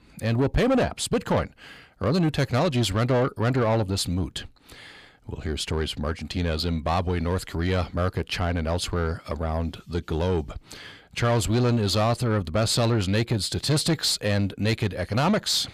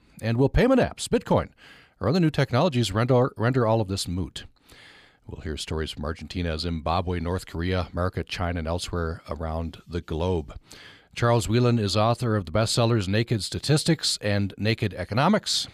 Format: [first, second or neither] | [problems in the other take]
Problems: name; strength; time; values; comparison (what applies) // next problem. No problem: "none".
second | distortion; slight; 10 dB below the speech